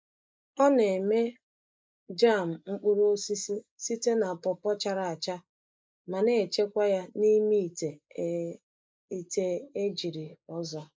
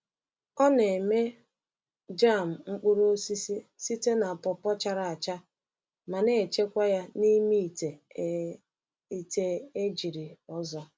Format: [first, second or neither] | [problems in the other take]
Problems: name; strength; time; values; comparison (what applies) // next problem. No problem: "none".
second | noise reduction (neural mask model Resemble Enhance denoiser)